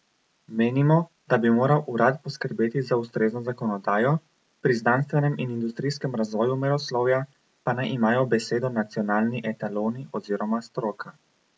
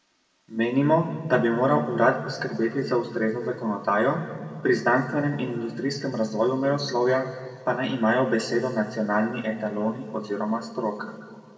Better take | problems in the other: first | room echo; dies away in 1.8 s

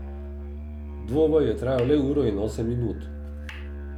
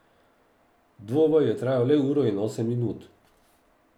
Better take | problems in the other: second | background sound (Musical instrument); 9 dB below the speech

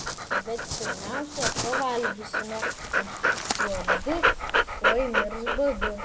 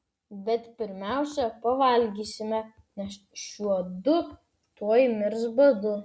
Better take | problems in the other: second | background sound (Dog); 5 dB above the speech

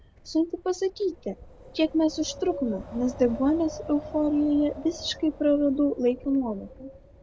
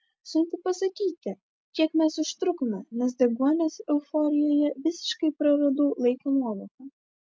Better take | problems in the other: second | background sound (Wind); 16 dB below the speech

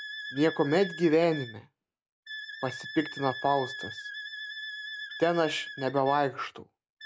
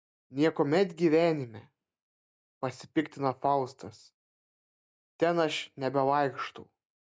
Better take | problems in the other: second | background sound (Wind instrument, woodwind instrument); 11 dB below the speech

